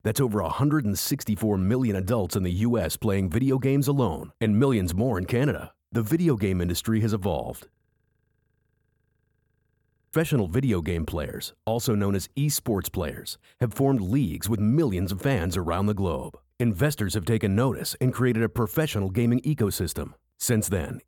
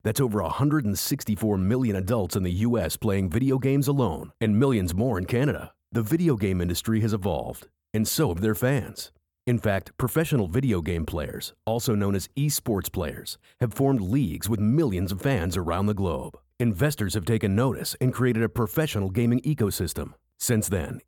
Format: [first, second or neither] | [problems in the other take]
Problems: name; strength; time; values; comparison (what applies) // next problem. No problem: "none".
second | audio freezing; at 7.5 s for 2.5 s